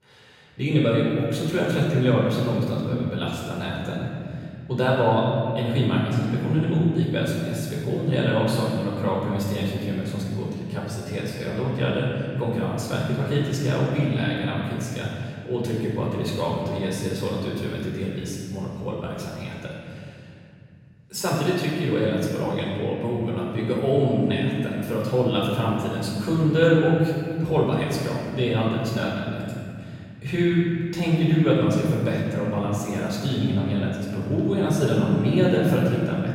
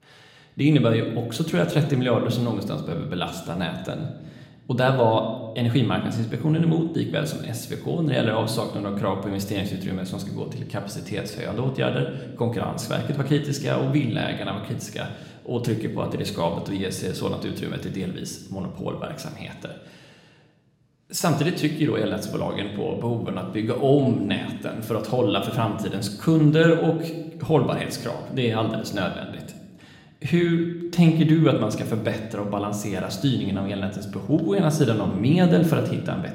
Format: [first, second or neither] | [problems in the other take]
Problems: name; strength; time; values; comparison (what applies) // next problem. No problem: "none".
second | room echo; strong; dies away in 2.6 s; slight in the second // off-mic speech; far